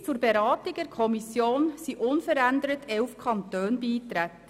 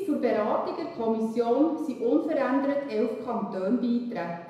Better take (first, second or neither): first